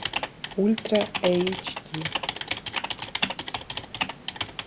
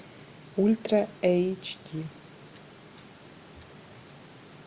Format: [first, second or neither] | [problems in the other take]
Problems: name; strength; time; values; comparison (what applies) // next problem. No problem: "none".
second | background sound (Typing); 3 dB below the speech